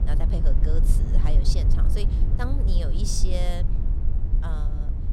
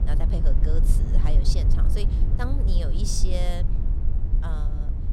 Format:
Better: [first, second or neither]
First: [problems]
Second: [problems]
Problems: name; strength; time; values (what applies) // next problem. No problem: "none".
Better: neither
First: low rumble; loud; throughout; 5 dB below the speech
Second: low rumble; loud; throughout; 5 dB below the speech